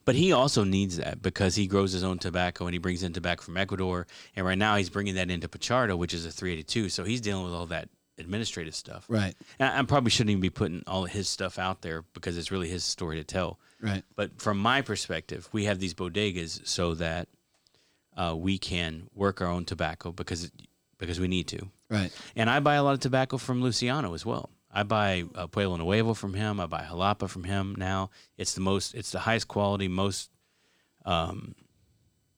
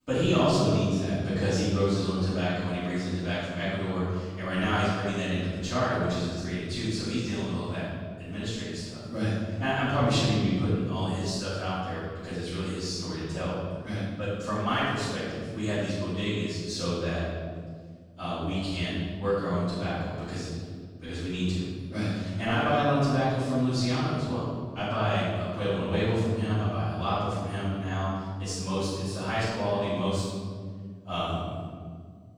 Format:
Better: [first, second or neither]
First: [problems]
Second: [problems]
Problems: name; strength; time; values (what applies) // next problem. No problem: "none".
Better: first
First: none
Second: off-mic speech; far // room echo; strong; dies away in 2 s